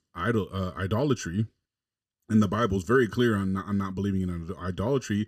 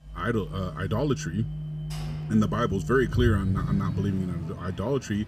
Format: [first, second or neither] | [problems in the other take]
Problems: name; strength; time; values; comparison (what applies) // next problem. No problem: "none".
first | household noises; loud; throughout; 4 dB below the speech